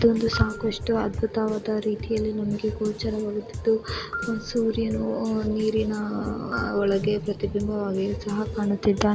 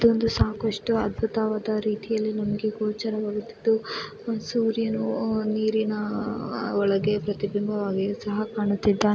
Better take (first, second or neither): second